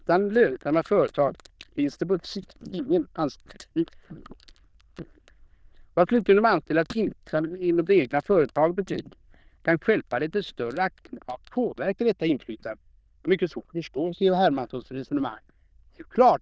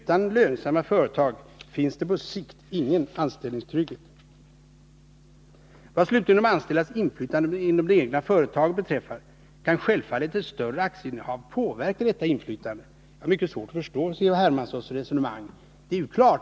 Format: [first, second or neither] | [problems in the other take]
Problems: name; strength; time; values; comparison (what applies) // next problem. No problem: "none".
second | noise reduction (neural diffusion model UNIVERSE++)